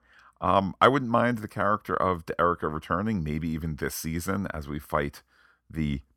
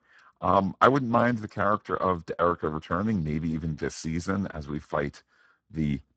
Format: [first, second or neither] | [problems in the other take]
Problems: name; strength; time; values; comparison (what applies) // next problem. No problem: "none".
first | garbled, watery; badly; nothing above 7.5 kHz